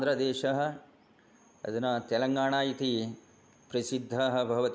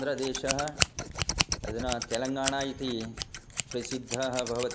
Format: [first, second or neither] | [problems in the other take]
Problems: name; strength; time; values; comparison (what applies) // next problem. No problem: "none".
first | background sound (Scissors); 1 dB below the speech